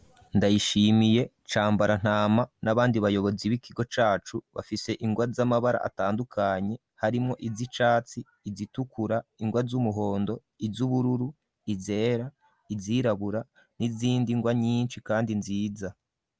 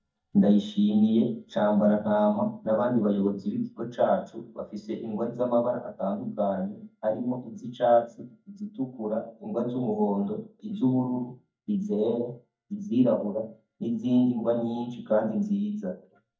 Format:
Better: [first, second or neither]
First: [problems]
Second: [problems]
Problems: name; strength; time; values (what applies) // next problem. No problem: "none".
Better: first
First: none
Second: noise reduction (neural mask model DeepFilterNet 3)